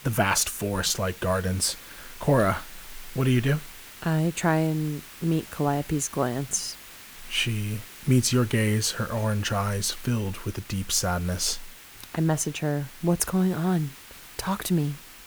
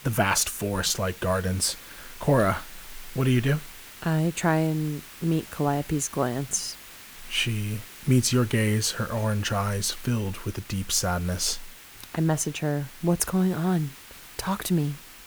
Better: neither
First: hiss; noticeable; throughout; 15 dB below the speech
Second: hiss; noticeable; throughout; 15 dB below the speech

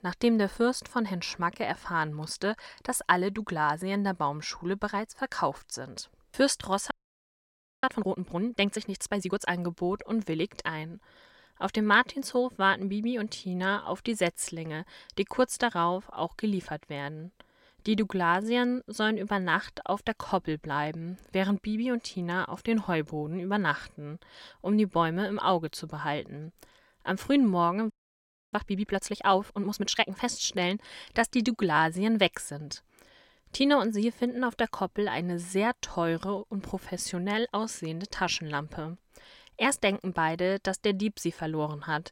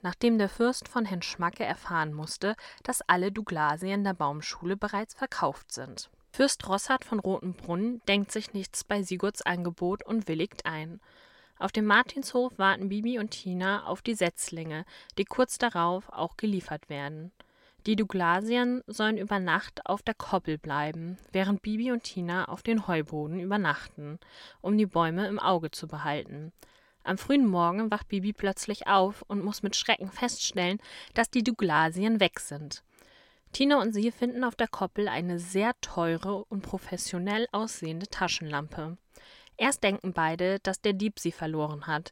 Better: second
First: audio freezing; at 7 s for 1 s and at 28 s for 0.5 s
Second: none

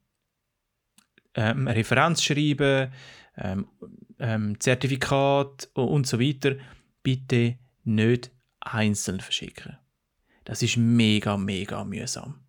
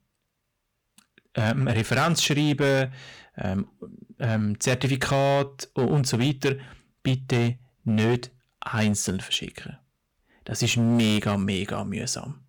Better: first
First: none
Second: distortion; slight; 8% of the sound clipped

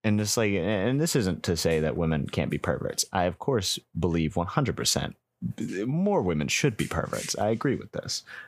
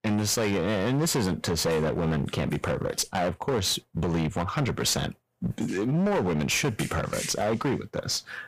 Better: first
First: none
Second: distortion; heavy; 20% of the sound clipped

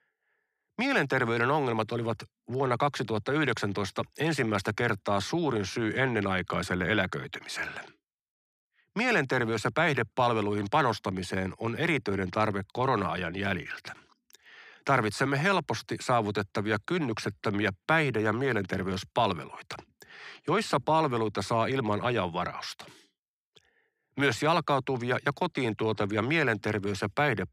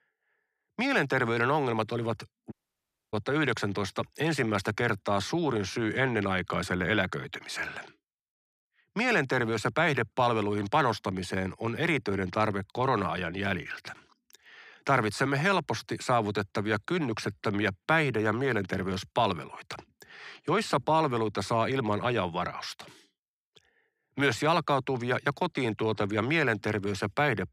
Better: first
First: none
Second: audio cutting out; at 2.5 s for 0.5 s

